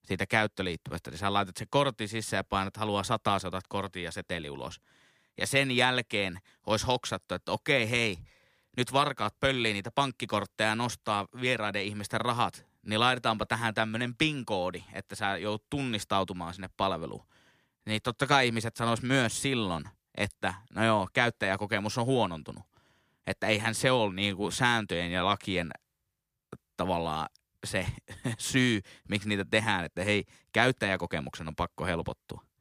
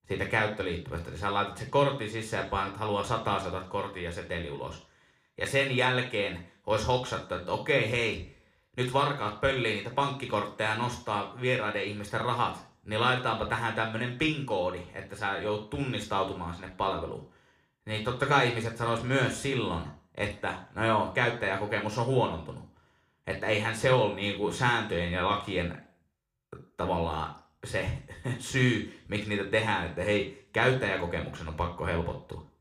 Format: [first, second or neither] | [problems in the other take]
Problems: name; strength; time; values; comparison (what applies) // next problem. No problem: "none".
first | room echo; slight; dies away in 0.4 s